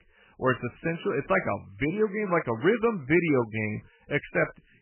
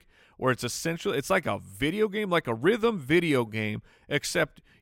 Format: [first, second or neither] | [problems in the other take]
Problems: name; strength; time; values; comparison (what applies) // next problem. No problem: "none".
second | garbled, watery; badly; nothing above 2.5 kHz